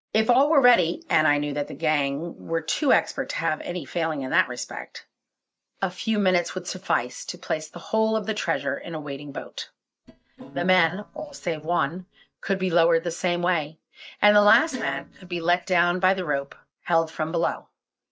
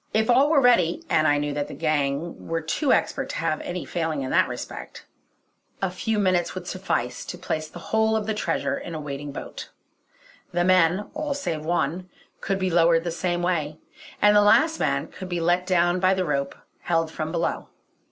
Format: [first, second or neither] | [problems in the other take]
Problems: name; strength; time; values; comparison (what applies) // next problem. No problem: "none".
second | noise reduction (neural mask model DeepFilterNet 3)